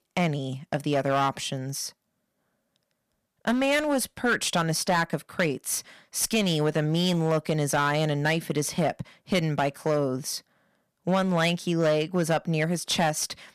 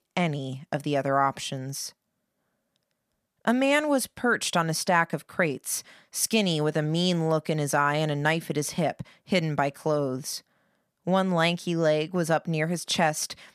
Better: second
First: distortion; slight; 7% of the sound clipped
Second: none

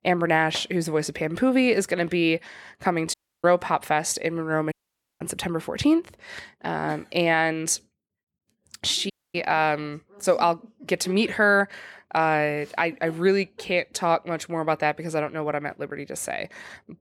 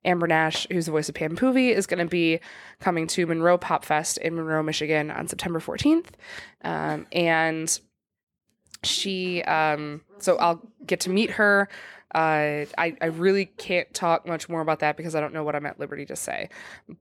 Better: second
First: audio cutting out; at 3 s, at 4.5 s and at 9 s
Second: none

